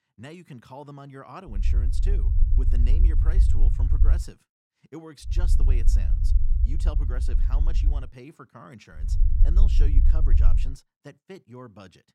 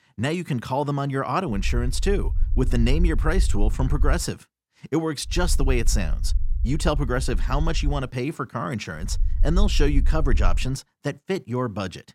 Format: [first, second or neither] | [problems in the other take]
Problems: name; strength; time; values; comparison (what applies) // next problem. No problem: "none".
second | low rumble; loud; from 1.5 to 4 s, from 5.5 to 8 s and from 9 to 11 s; 2 dB below the speech; faint in the second